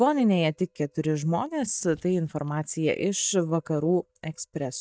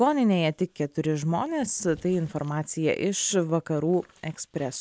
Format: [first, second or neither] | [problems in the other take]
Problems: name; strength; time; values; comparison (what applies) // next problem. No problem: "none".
second | noise reduction (neural mask model DeepFilterNet 3)